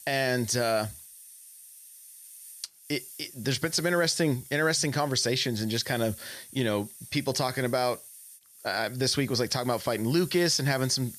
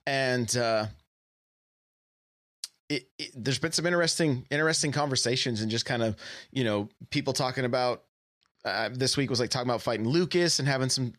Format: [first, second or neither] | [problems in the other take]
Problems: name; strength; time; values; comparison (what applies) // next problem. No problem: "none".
second | hiss; noticeable; throughout; 15 dB below the speech